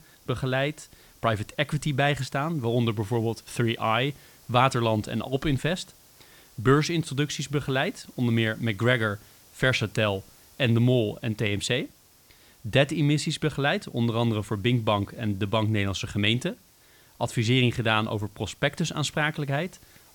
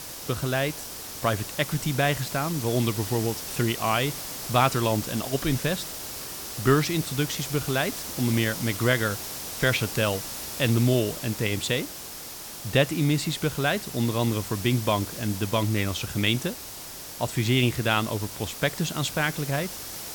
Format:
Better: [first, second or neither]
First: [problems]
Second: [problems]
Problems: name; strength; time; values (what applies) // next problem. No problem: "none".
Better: first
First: hiss; faint; throughout; 25 dB below the speech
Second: hiss; loud; throughout; 8 dB below the speech